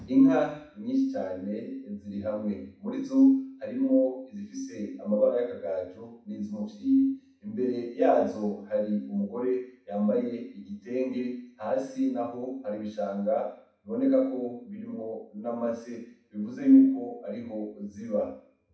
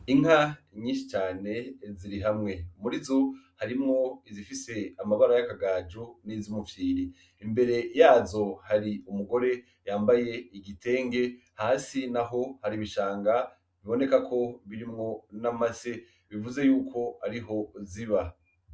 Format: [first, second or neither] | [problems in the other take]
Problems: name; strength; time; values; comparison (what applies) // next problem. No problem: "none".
second | room echo; dies away in 0.6 s